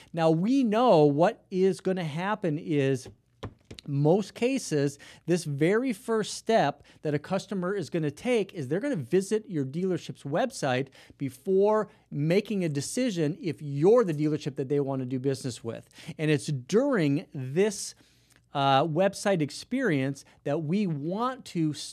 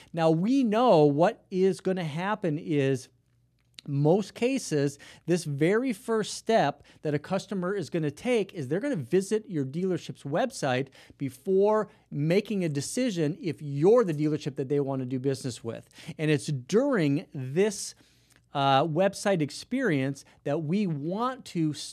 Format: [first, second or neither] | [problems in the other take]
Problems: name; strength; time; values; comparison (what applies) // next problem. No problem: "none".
second | footsteps; faint; at 3 s; peak 15 dB below the speech